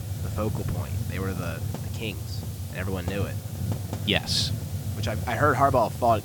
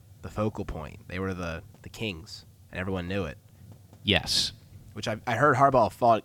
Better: second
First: hiss; loud; throughout; 5 dB below the speech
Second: hiss; faint; throughout; 25 dB below the speech

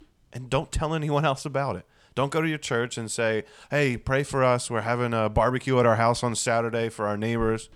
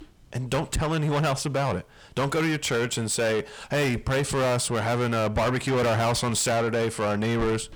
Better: first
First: none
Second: distortion; heavy; 6 dB below the speech

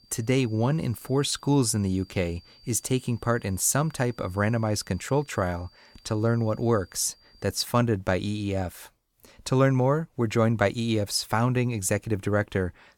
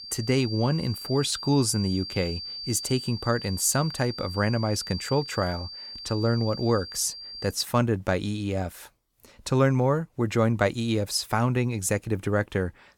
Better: first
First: high-pitched whine; faint; until 7.5 s; 4.5 kHz, 30 dB below the speech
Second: high-pitched whine; loud; until 7.5 s; 4.5 kHz, 9 dB below the speech

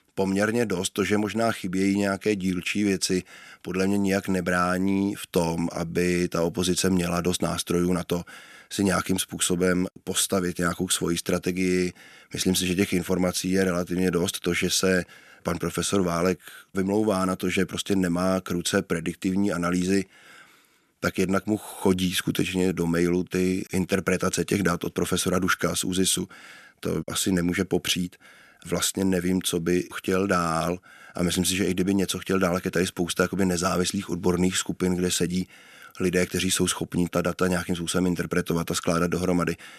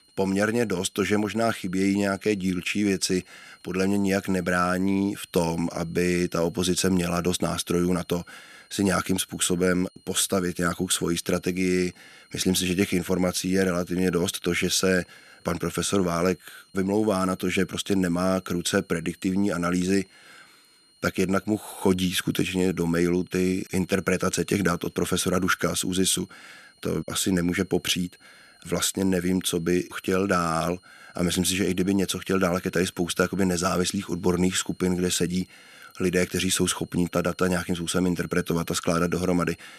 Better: first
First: none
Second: high-pitched whine; faint; throughout; 4 kHz, 30 dB below the speech

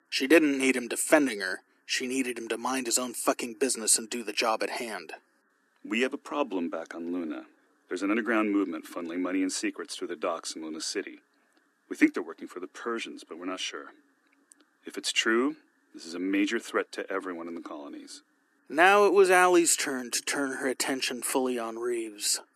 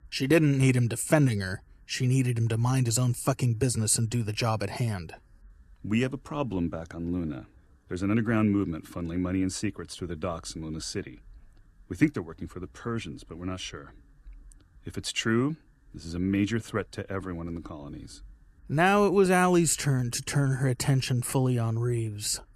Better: second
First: thin; somewhat; fading below 250 Hz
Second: none

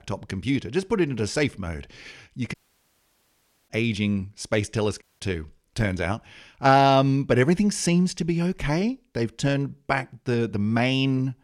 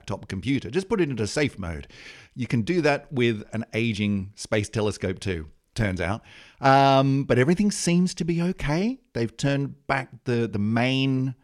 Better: second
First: audio cutting out; at 2.5 s for 1 s and at 5 s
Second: none

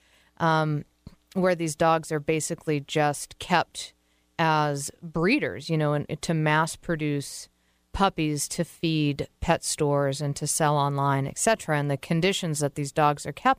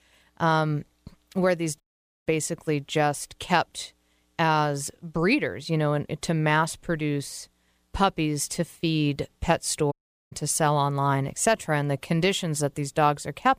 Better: first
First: none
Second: audio cutting out; at 2 s and at 10 s

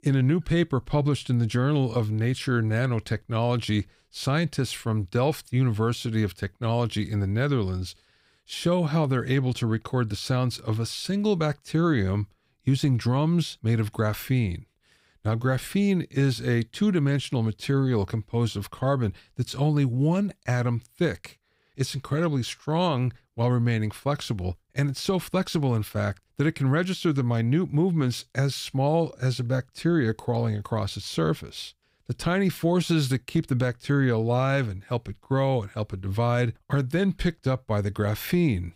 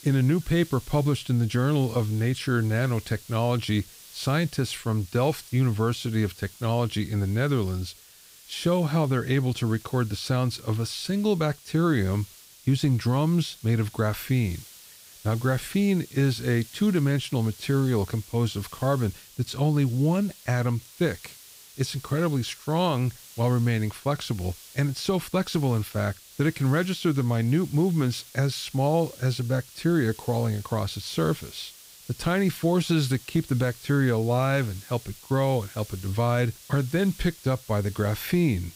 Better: first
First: none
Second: hiss; noticeable; throughout; 20 dB below the speech

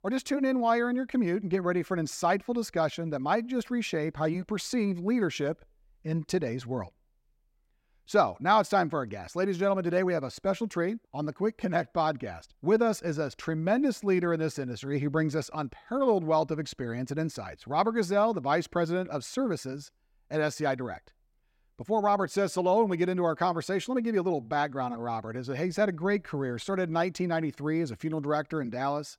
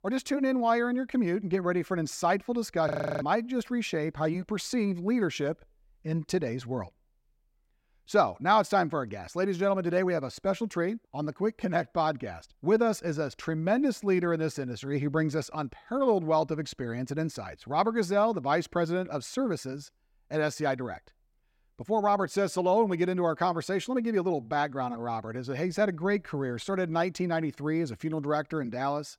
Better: first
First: none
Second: audio freezing; at 3 s

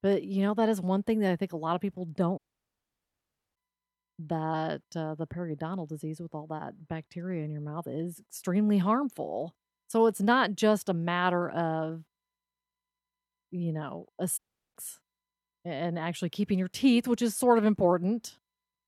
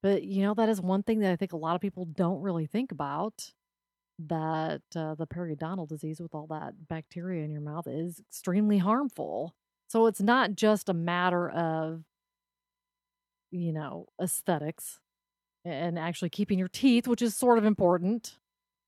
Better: second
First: audio cutting out; at 2.5 s for 1 s and at 14 s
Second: none

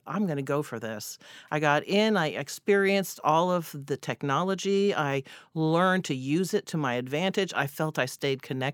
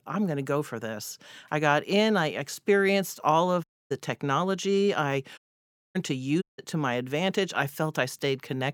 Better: first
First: none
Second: audio cutting out; at 3.5 s, at 5.5 s for 0.5 s and at 6.5 s

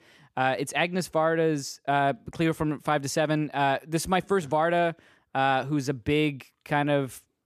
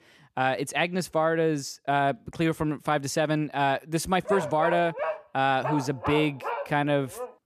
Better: first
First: none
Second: dog barking; noticeable; from 4.5 s on; peak 4 dB below the speech

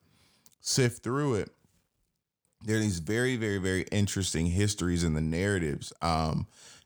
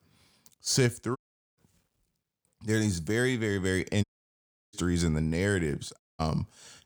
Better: first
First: none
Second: audio cutting out; at 1 s, at 4 s for 0.5 s and at 6 s

